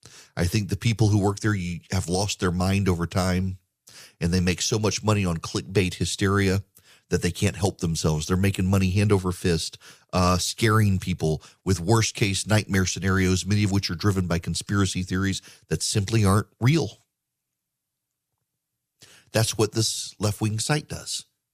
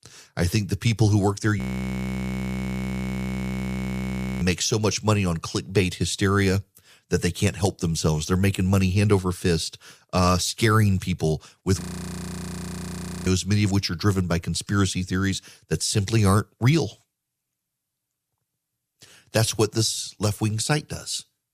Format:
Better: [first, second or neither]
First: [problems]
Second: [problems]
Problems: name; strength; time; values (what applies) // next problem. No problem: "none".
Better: first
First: none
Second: audio freezing; at 1.5 s for 3 s and at 12 s for 1.5 s